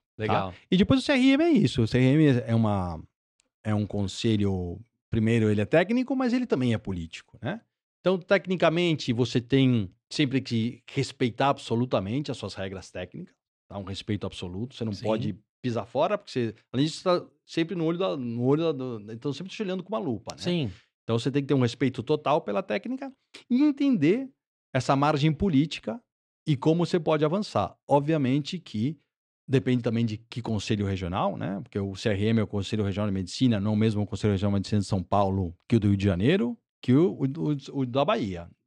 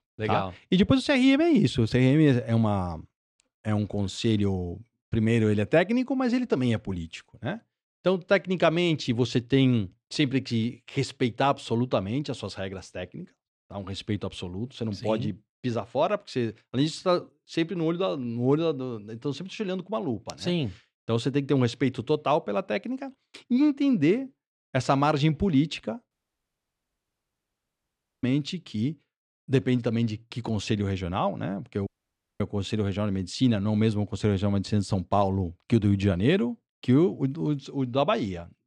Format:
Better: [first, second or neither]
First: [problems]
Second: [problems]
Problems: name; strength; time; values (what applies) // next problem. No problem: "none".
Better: first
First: none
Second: audio cutting out; at 26 s for 2 s and at 32 s for 0.5 s